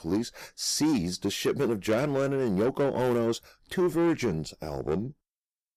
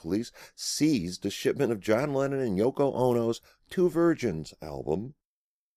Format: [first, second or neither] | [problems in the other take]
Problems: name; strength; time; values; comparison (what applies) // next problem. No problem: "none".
second | distortion; slight; 10 dB below the speech